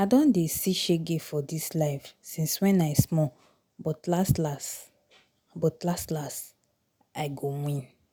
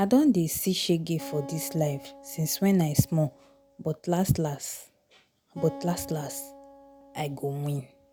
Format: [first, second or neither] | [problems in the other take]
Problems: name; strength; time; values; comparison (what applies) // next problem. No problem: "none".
first | background sound (Acoustic guitar); 18 dB below the speech